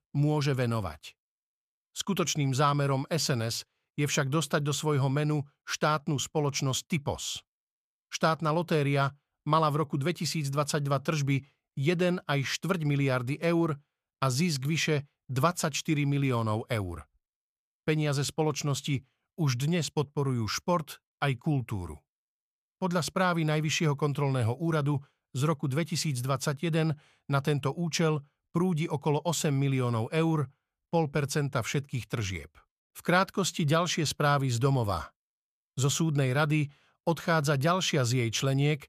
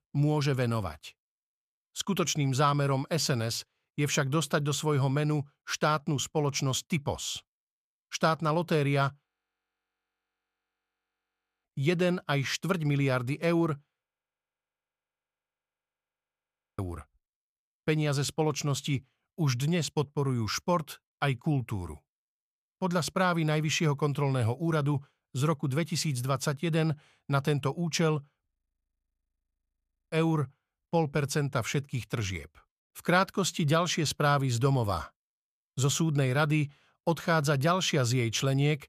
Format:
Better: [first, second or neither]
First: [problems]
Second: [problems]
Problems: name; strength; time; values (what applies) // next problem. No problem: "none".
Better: first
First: none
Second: audio freezing; at 9.5 s for 2.5 s, at 14 s for 2.5 s and at 28 s for 1.5 s